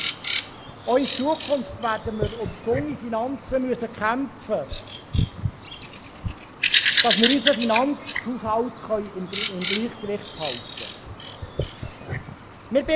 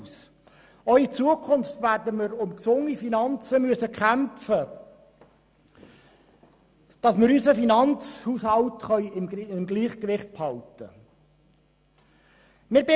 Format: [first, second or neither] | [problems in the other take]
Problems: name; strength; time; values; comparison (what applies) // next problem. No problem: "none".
second | background sound (Bird vocalization, bird call, bird song); 2 dB below the speech